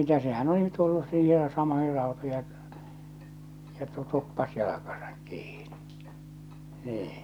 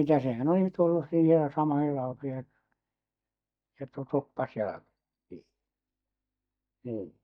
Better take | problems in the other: first | noise reduction (neural mask model DeepFilterNet 3)

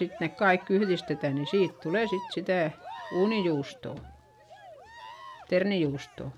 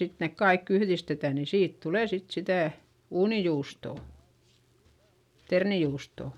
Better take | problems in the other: second | background sound (Cheering); 16 dB below the speech

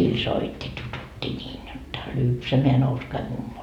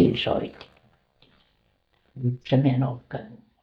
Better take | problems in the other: first | noise reduction (neural mask model DeepFilterNet 3)

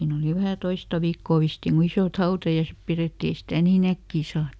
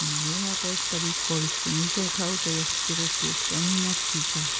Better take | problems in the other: first | background sound (Sink (filling or washing) / Water tap, faucet / Liquid); 4 dB above the speech

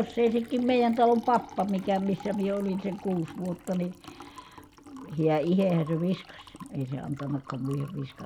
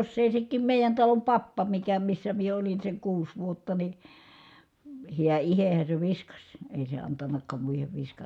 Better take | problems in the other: second | background sound (Liquid); 19 dB below the speech

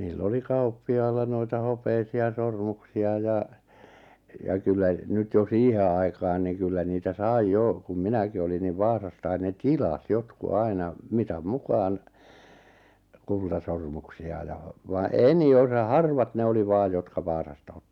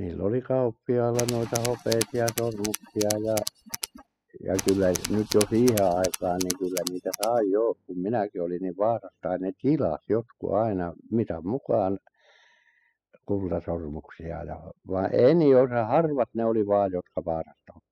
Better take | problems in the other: first | noise reduction (classical method spectral subtraction)

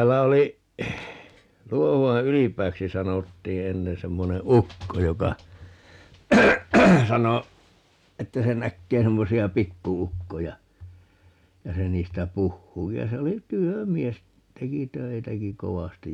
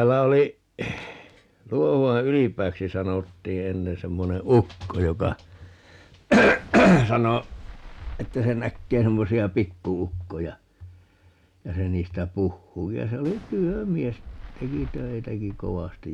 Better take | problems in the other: first | background sound (Fireworks); 15 dB below the speech

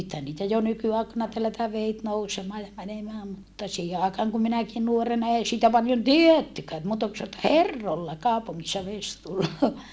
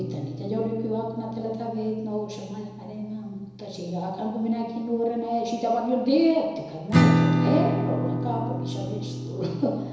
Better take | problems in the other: first | background sound (Acoustic guitar / Strum); 1 dB below the speech // room echo; dies away in 1 s

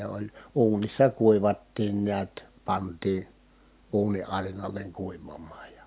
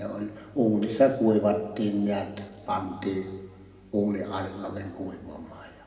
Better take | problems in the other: first | room echo; dies away in 1.6 s

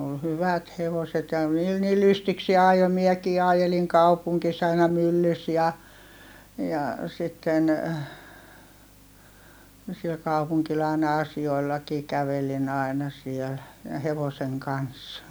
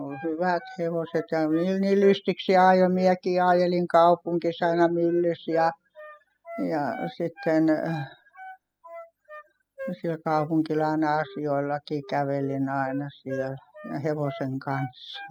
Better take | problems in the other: first | noise reduction (classical method spectral subtraction)

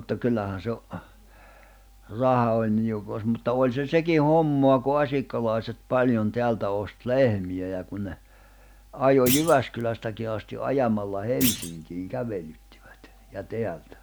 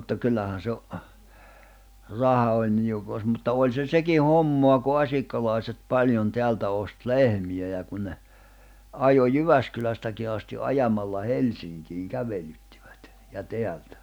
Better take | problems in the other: second | background sound (Thump, thud); 8 dB below the speech

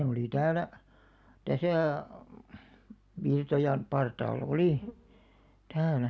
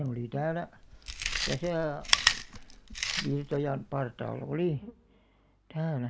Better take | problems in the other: first | background sound (Chewing, mastication); 2 dB below the speech

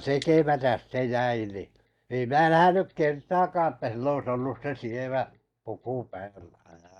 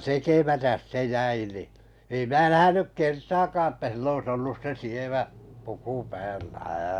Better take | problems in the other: second | noise reduction (neural mask model DeepFilterNet 3)

